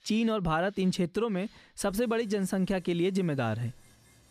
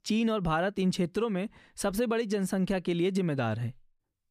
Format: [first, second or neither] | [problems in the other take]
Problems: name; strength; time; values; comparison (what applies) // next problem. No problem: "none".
second | machinery noise; faint; throughout; 30 dB below the speech